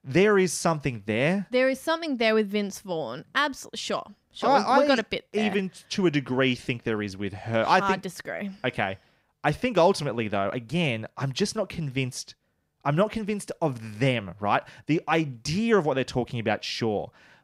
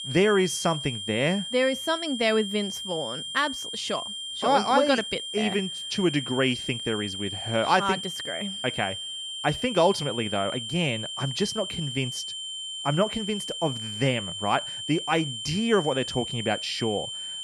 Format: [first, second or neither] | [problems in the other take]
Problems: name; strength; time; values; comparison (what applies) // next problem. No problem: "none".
first | high-pitched whine; loud; throughout; 3 kHz, 5 dB below the speech